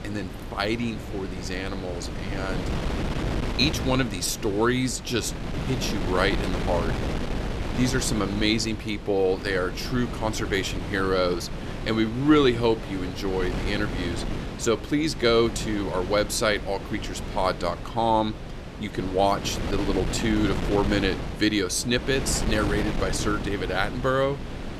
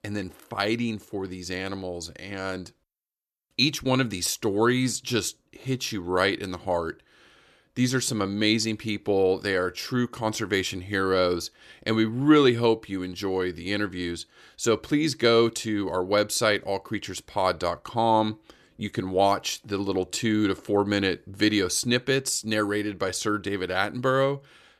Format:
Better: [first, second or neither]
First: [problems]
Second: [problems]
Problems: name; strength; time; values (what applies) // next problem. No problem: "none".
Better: second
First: wind noise on the microphone; heavy; 9 dB below the speech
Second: none